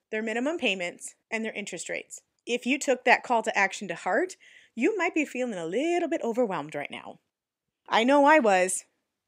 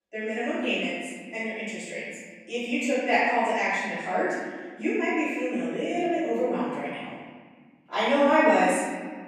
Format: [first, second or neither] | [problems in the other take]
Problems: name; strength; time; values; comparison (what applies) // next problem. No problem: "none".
first | off-mic speech; far // room echo; strong; dies away in 1.7 s